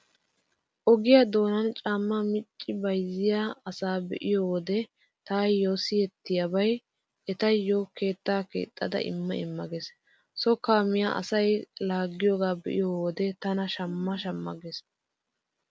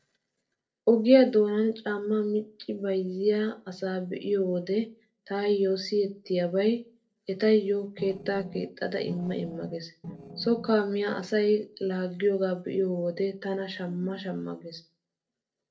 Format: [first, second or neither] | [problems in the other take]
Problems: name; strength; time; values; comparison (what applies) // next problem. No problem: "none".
first | noise reduction (neural separator model SepFormer DNS4)